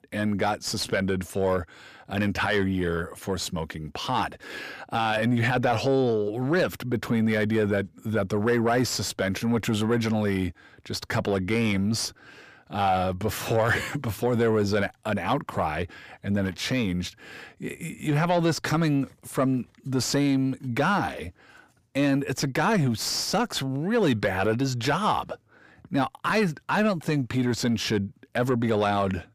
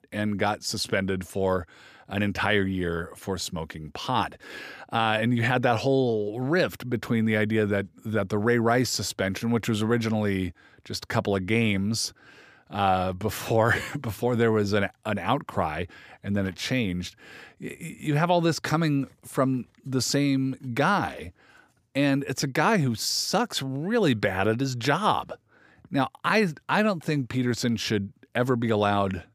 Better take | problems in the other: second | distortion; slight; 10 dB below the speech

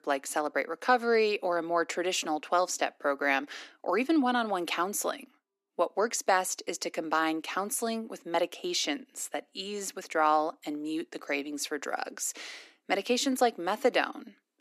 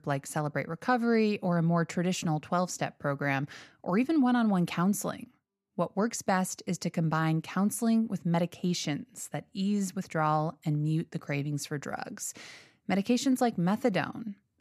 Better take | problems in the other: second | thin; somewhat; fading below 300 Hz

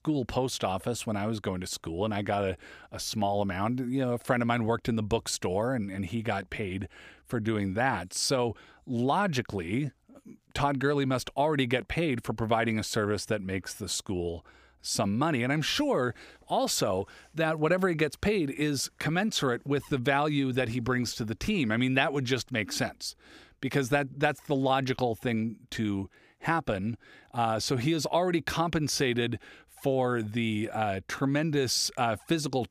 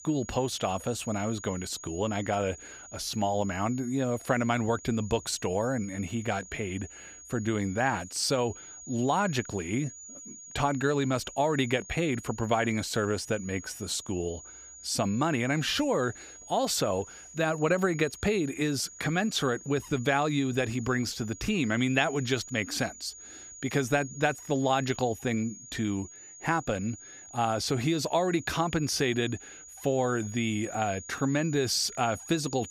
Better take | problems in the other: first | high-pitched whine; noticeable; throughout; 7 kHz, 15 dB below the speech

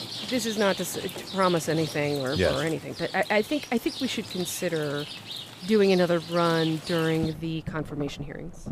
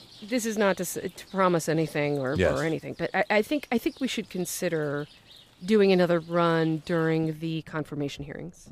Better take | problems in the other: second | rain or running water; loud; throughout; 9 dB below the speech; faint in the second

